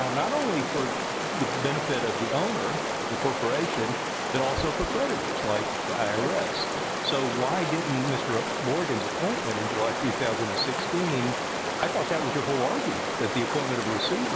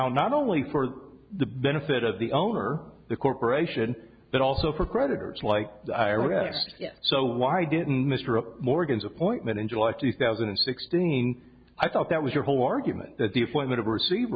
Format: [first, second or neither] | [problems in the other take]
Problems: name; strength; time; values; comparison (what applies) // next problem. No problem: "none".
second | background sound (Stream); as loud as the speech